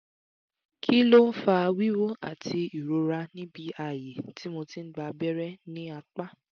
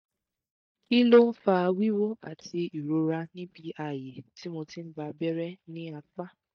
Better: first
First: none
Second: noise reduction (neural mask model DeepFilterNet 3)

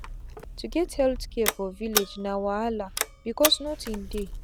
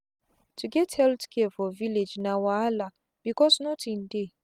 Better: second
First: background sound (Telephone); 4 dB below the speech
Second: none

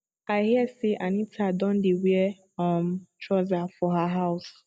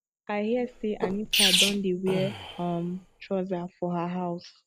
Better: first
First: none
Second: background sound (Sneeze); as loud as the speech

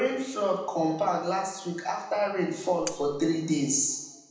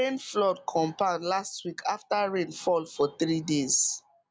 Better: second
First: background sound (Cutlery, silverware); 12 dB below the speech // room echo; dies away in 0.8 s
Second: none

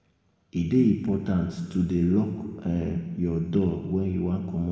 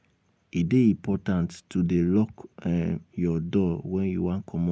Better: second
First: room echo; dies away in 1.5 s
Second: none

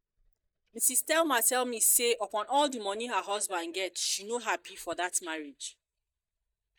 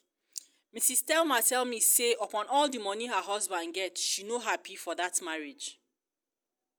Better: second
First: noise reduction (neural mask model DeepFilterNet 3)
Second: none

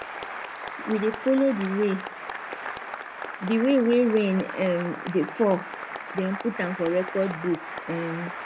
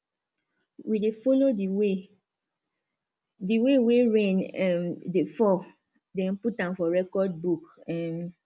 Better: second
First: background sound (Applause); 10 dB below the speech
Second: none

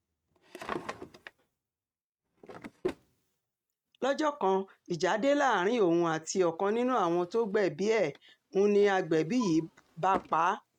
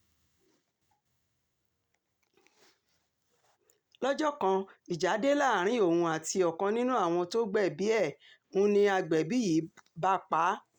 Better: second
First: noise reduction (neural mask model RNNoise)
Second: none

